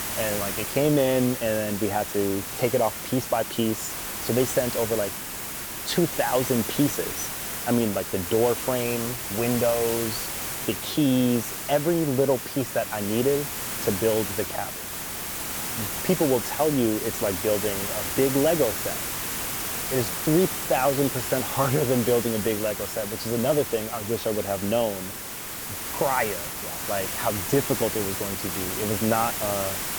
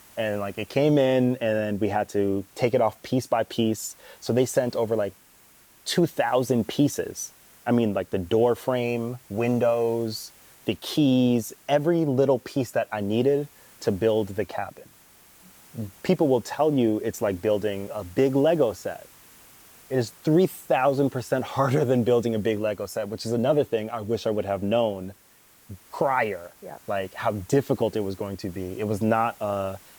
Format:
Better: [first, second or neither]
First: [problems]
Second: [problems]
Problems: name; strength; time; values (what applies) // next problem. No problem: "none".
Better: second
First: hiss; loud; throughout; 3 dB below the speech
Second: hiss; faint; throughout; 25 dB below the speech